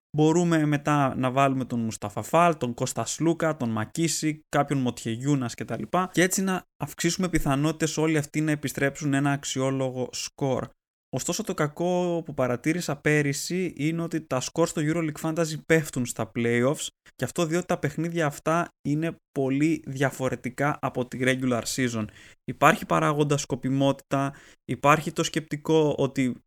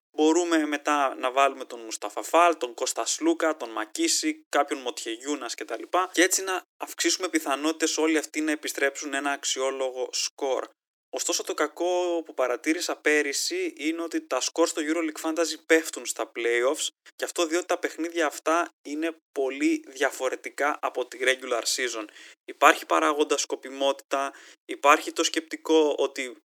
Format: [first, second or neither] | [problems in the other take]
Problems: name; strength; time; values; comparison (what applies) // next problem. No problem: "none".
first | thin; very; fading below 300 Hz